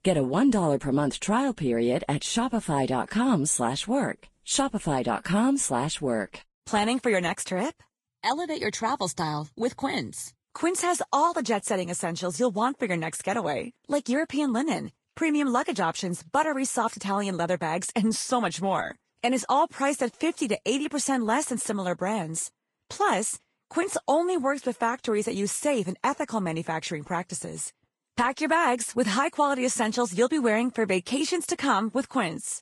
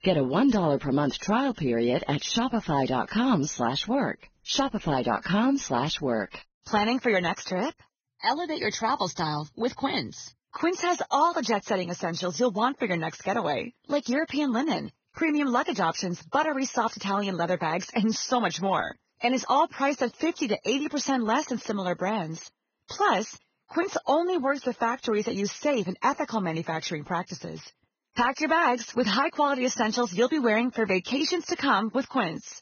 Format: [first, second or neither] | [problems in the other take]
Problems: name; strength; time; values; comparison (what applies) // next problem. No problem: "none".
first | garbled, watery; badly; nothing above 6.5 kHz; slightly in the first